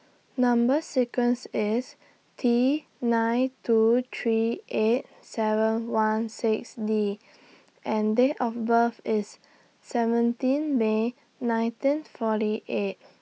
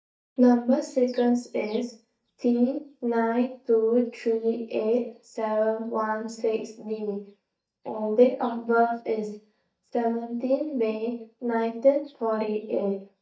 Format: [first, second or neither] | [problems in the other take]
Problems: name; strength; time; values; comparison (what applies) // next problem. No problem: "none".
first | noise reduction (neural mask model DeepFilterNet 3)